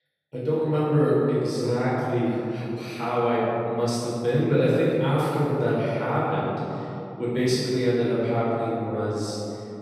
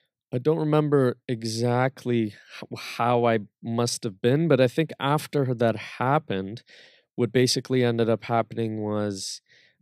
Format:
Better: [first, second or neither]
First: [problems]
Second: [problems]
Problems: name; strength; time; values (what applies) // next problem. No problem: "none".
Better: second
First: off-mic speech; far // room echo; strong; dies away in 2.6 s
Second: none